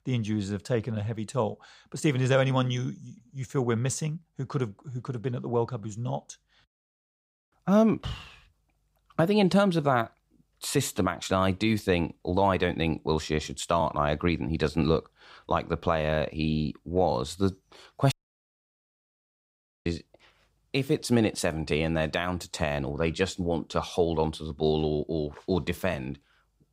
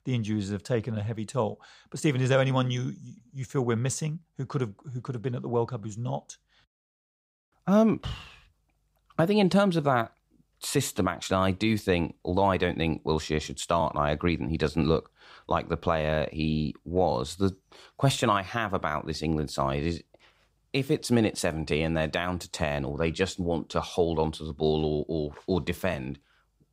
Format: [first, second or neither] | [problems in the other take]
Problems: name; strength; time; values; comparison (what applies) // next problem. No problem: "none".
second | audio cutting out; at 18 s for 1.5 s